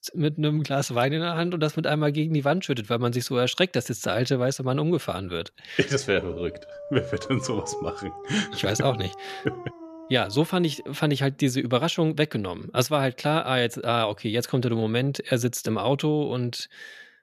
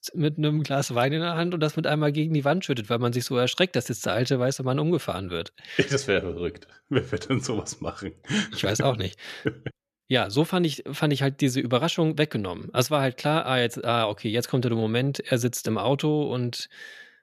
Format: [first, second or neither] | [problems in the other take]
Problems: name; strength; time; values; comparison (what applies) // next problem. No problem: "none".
second | dog barking; noticeable; from 6 to 11 s; peak 9 dB below the speech